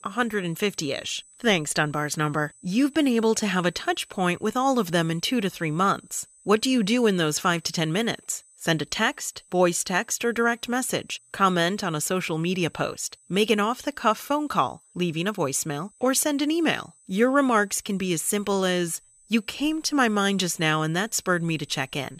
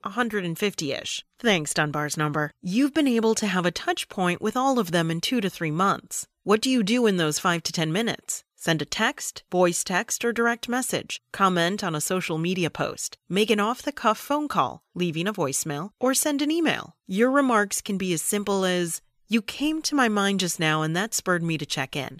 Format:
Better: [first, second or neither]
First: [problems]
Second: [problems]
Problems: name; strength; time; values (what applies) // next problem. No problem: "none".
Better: second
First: high-pitched whine; faint; throughout; 8 kHz, 30 dB below the speech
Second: none